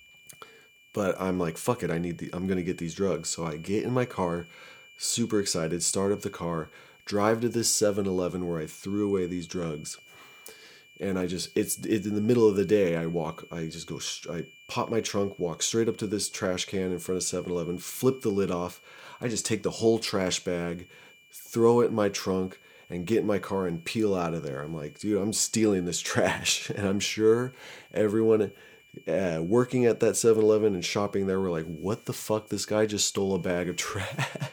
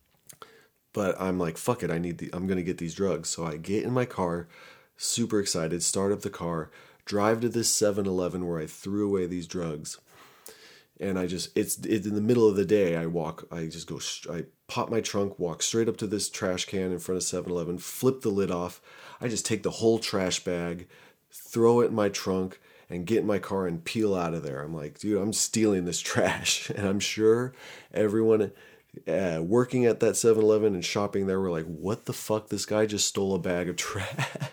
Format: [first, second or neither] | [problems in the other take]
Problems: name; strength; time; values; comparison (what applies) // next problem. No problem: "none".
second | high-pitched whine; faint; throughout; 2.5 kHz, 25 dB below the speech